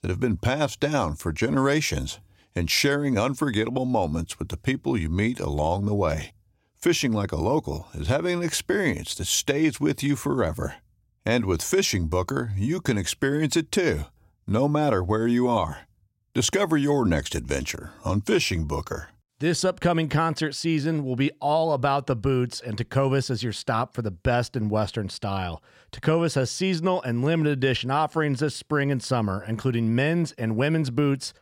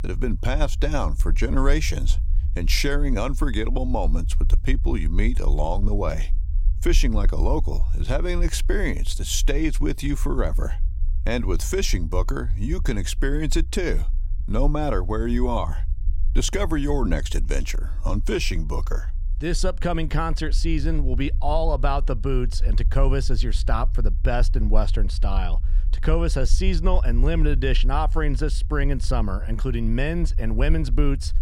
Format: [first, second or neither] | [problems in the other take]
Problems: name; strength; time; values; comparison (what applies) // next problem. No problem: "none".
first | low rumble; faint; throughout; 20 dB below the speech